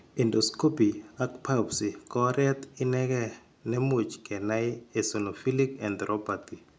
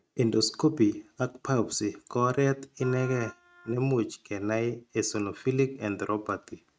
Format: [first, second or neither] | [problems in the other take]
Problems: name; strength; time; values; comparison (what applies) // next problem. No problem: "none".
first | noise reduction (neural mask model RNNoise)